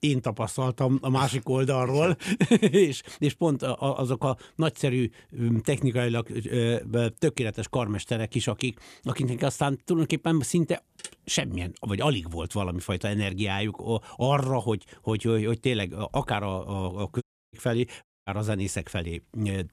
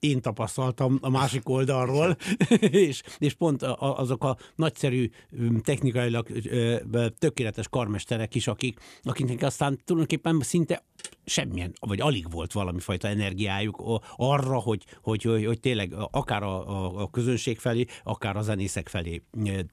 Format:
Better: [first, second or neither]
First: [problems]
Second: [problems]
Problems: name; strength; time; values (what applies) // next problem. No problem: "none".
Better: second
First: audio cutting out; at 17 s and at 18 s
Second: none